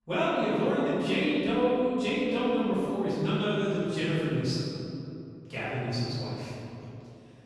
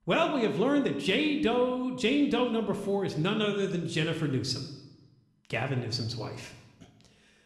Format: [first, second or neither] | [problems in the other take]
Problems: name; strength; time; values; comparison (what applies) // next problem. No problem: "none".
second | room echo; strong; dies away in 2.6 s; slight in the second // off-mic speech; far